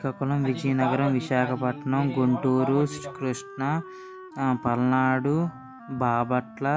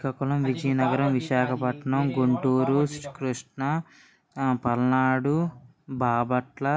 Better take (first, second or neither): second